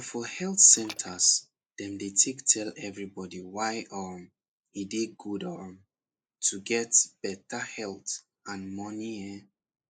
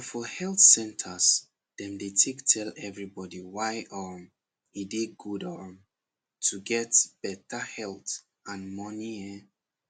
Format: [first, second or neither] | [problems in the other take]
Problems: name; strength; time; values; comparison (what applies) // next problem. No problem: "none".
second | noise reduction (neural mask model Resemble Enhance denoiser)